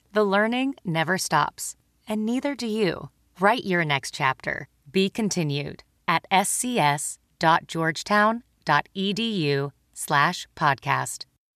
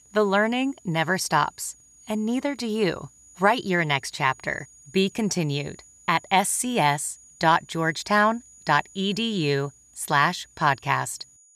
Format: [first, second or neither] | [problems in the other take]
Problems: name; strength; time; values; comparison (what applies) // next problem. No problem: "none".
first | high-pitched whine; faint; throughout; 7 kHz, 25 dB below the speech